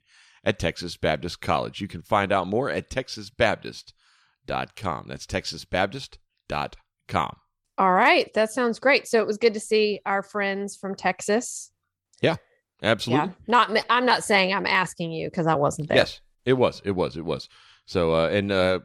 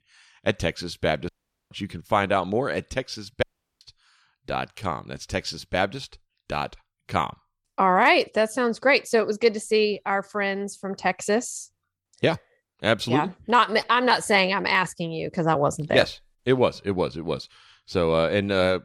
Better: first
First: none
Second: audio cutting out; at 1.5 s and at 3.5 s

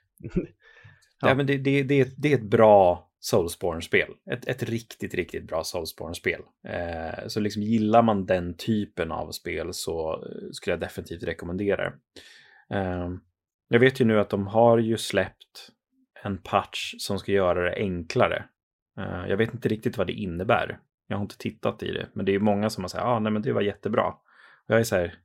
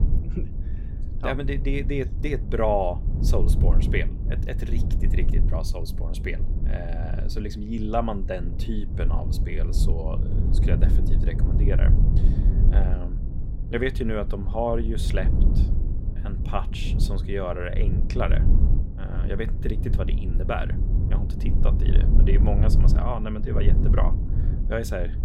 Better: first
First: none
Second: low rumble; loud; throughout; 8 dB below the speech

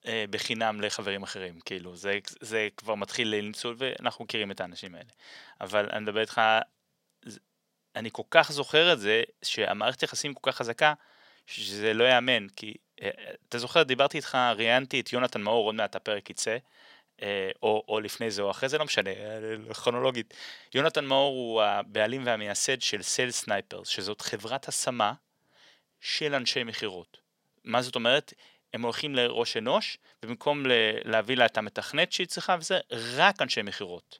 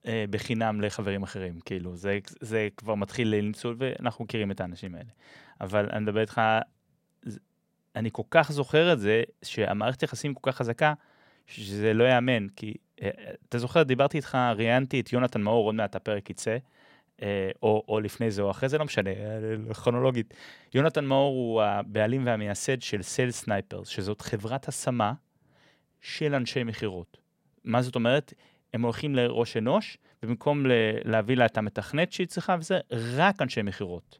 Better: second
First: thin; somewhat; fading below 700 Hz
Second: none

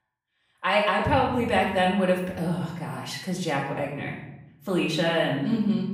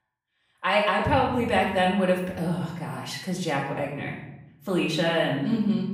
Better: neither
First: off-mic speech; far // room echo; noticeable; dies away in 0.8 s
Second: off-mic speech; far // room echo; noticeable; dies away in 0.8 s

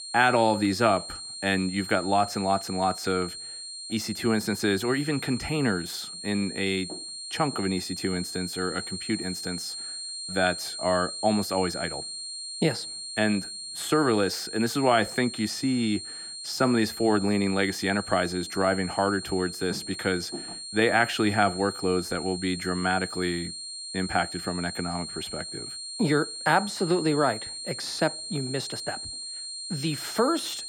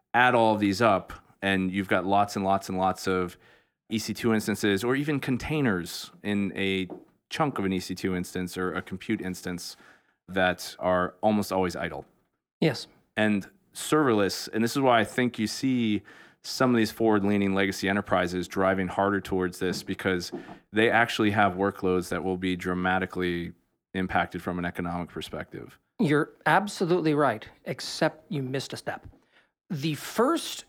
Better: second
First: high-pitched whine; loud; throughout; 4 kHz, 8 dB below the speech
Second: none

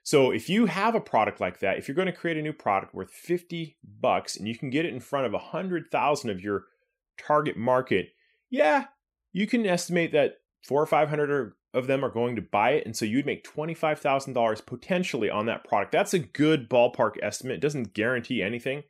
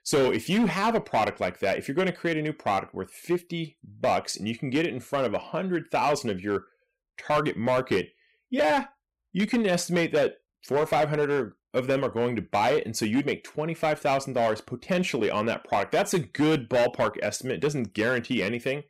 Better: first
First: none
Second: distortion; slight; 7% of the sound clipped

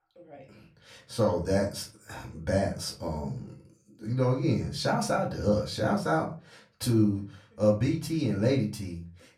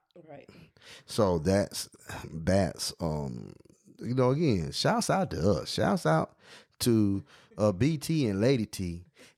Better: second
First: off-mic speech; far // room echo; very slight; dies away in 0.3 s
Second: none

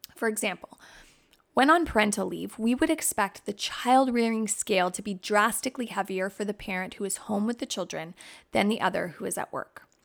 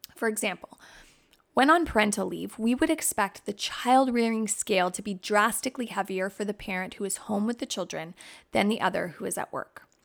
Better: neither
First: none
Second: none

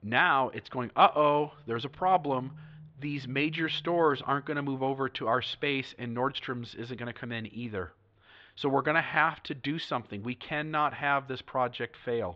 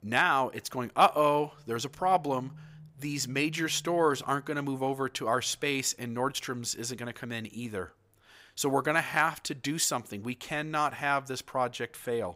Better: second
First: muffled; very; fading above 3.5 kHz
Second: none

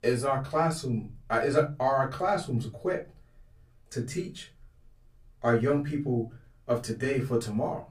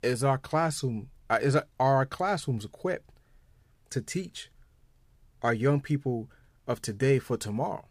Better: second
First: off-mic speech; far // room echo; very slight; dies away in 0.2 s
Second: none

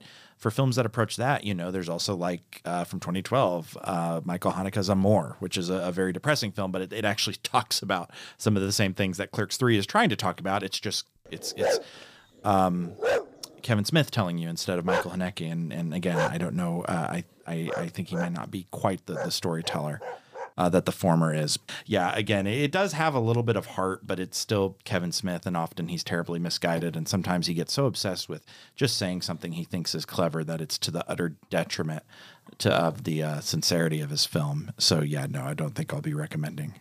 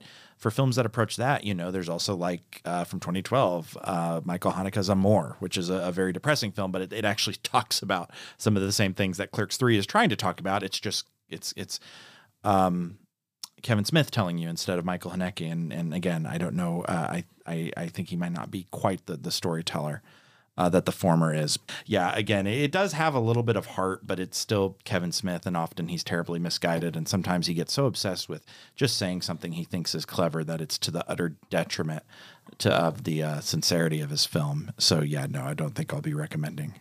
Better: second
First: dog barking; loud; from 11 to 20 s; peak level with the speech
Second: none

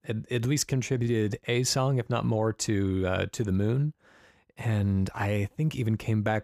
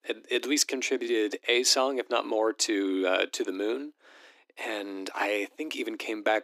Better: first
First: none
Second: thin; somewhat; fading below 250 Hz

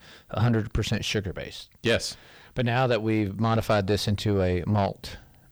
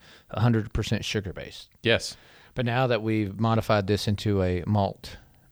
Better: second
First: distortion; slight; 10 dB below the speech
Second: none

